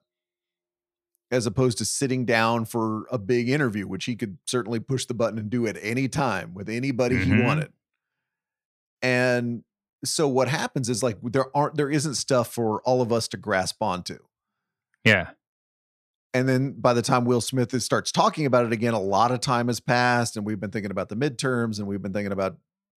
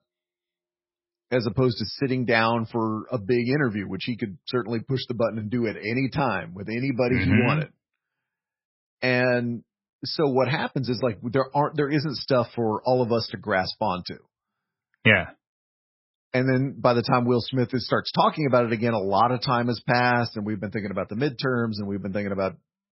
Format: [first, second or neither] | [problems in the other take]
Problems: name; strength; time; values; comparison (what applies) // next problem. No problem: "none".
first | garbled, watery; badly; nothing above 5.5 kHz